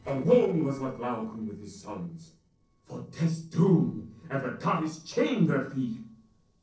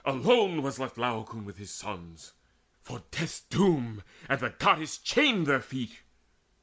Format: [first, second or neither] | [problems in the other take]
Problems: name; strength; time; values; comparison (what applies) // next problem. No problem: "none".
second | noise reduction (neural separator model SepFormer DNS4)